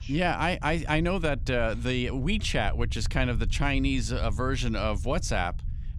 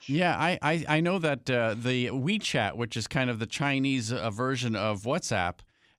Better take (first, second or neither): second